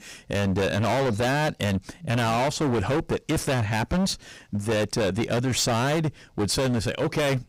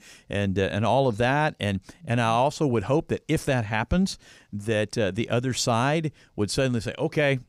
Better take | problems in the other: second | distortion; heavy; 27% of the sound clipped

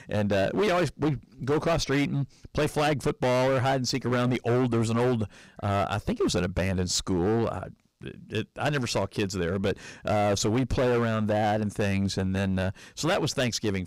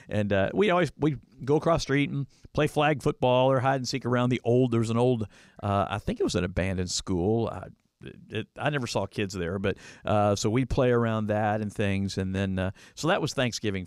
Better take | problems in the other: second | distortion; heavy; 15% of the sound clipped

